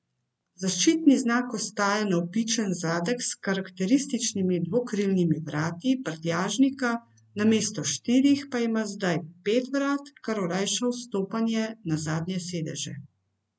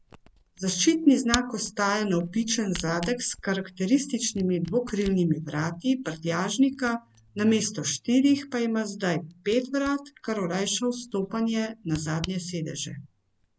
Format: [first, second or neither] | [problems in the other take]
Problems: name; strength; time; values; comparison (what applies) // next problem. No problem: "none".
first | background sound (Camera); 18 dB below the speech